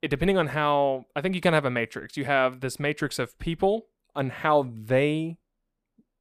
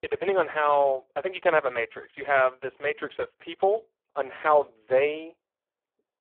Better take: first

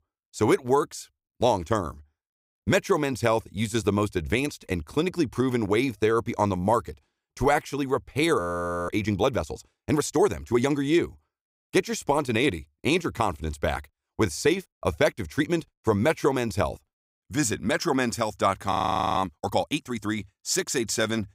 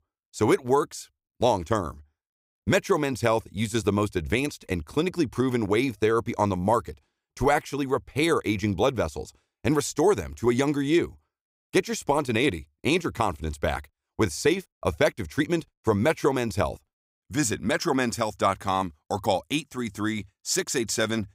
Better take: second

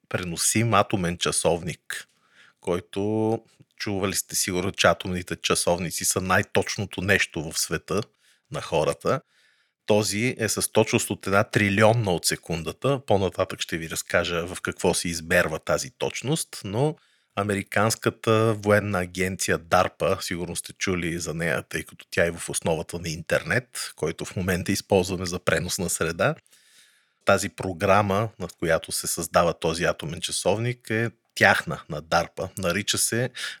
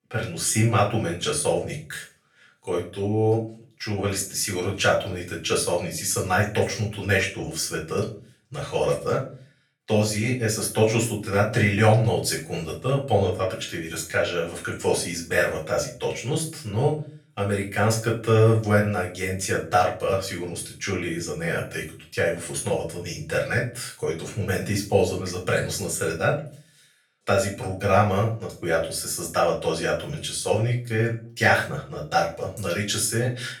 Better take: first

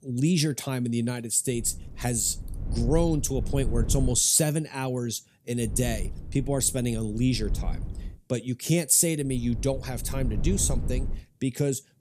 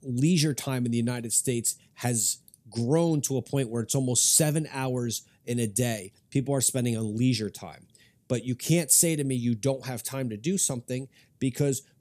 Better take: second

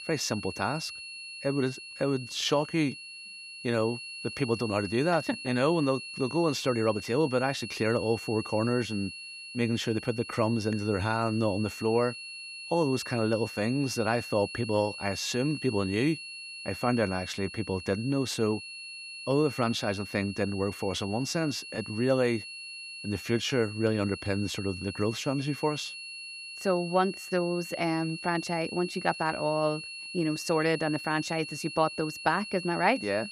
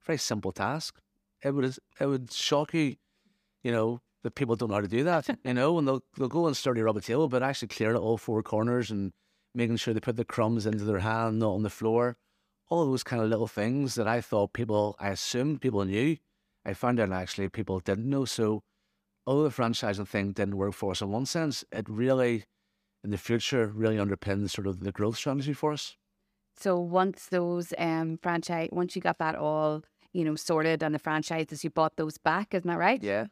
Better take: second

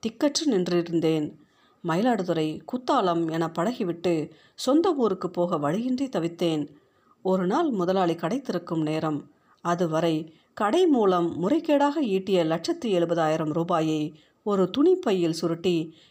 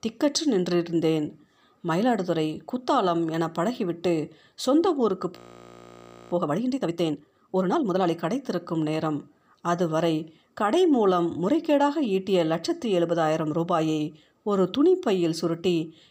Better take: first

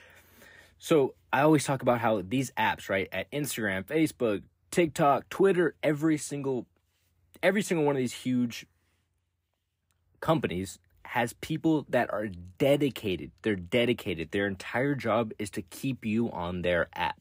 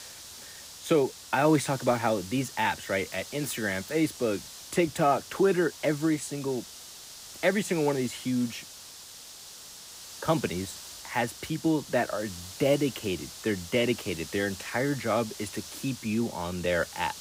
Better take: first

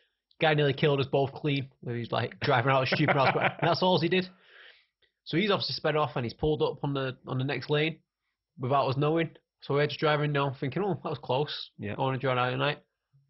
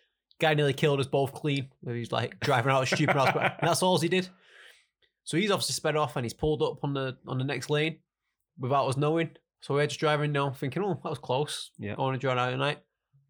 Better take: second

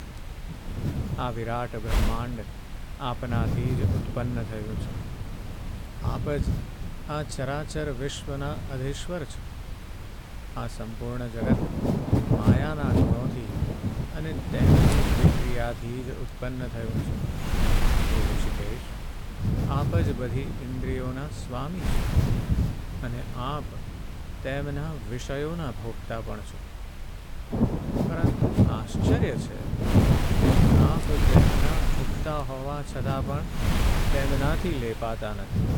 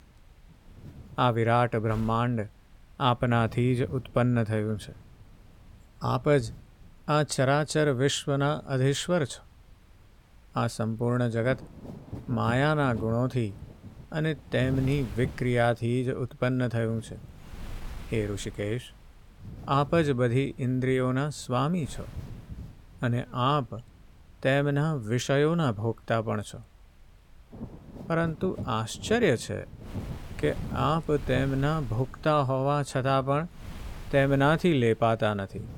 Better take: second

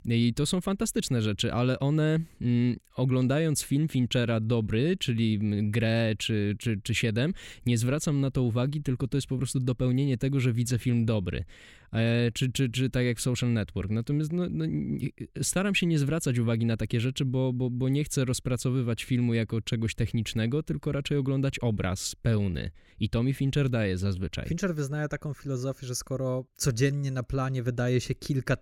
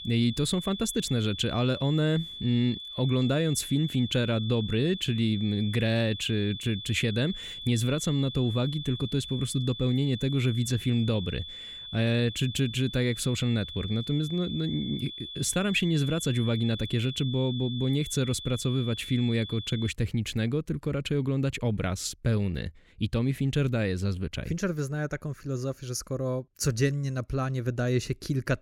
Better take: first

